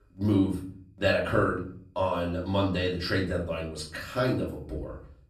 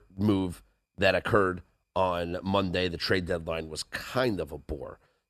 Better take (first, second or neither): second